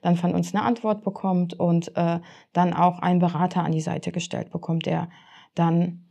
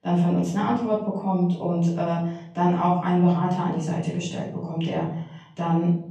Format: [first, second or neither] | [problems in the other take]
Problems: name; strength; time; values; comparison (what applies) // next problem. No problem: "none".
first | off-mic speech; far // room echo; noticeable; dies away in 0.6 s